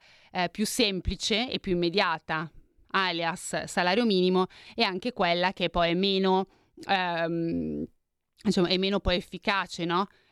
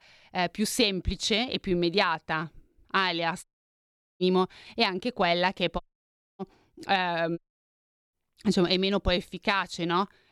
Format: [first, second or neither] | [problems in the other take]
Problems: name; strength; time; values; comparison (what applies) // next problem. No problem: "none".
first | audio cutting out; at 3.5 s for 1 s, at 6 s for 0.5 s and at 7.5 s for 0.5 s